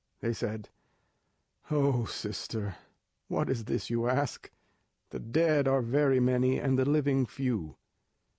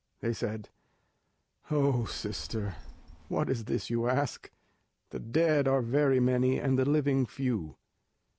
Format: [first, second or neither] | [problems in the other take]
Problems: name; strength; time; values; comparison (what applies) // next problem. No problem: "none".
first | background sound (Telephone); 15 dB below the speech